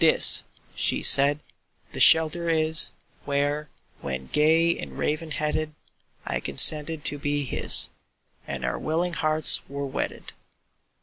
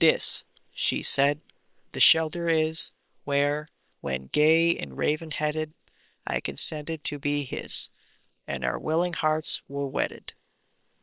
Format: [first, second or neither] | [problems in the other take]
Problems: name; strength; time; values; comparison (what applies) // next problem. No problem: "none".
first | noise reduction (neural separator model SepFormer WHAM!)